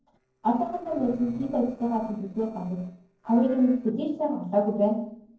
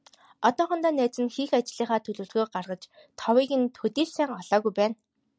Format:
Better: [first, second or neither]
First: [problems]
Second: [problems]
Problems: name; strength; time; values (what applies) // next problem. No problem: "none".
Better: second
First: noise reduction (neural separator model SepFormer DNS4)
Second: none